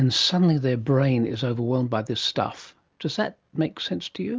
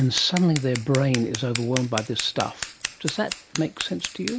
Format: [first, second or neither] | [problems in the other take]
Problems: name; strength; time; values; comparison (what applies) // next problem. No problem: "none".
first | background sound (Scissors); 9 dB below the speech